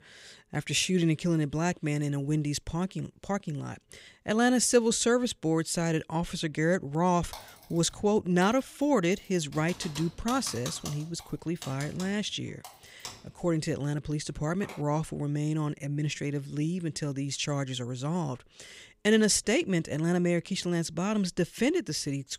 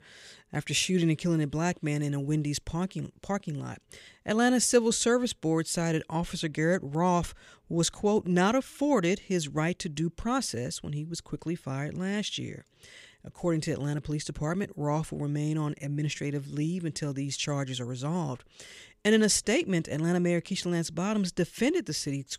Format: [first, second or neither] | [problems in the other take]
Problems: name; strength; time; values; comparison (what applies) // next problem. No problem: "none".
second | keyboard typing; noticeable; from 7.5 to 15 s; peak 9 dB below the speech